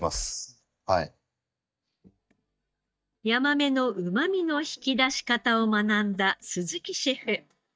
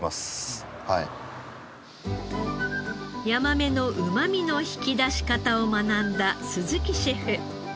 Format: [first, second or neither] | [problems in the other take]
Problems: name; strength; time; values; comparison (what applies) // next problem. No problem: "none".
second | noise reduction (neural mask model DeepFilterNet 3)